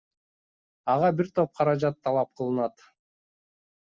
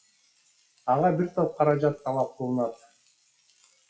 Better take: first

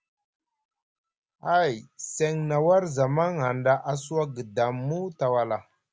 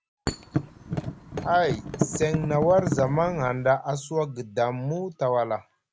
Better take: first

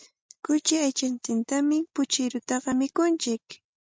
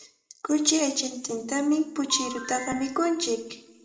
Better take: first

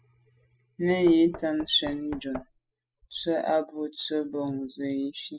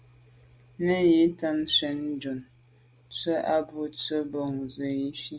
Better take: second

